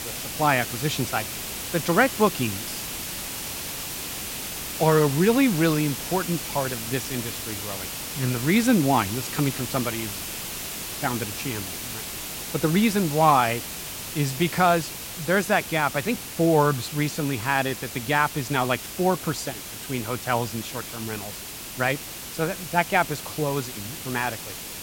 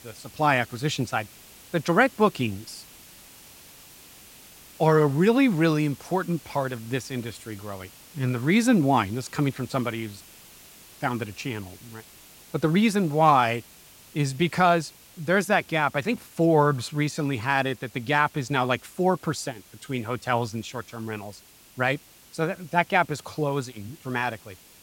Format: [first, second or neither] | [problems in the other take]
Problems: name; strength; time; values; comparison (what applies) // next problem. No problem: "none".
second | hiss; loud; throughout; 7 dB below the speech; faint in the second